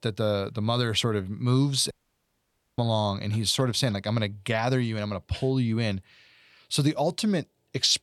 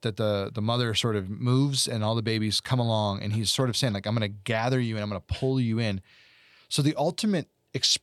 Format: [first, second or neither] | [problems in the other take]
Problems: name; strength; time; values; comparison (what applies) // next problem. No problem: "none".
second | audio cutting out; at 2 s for 1 s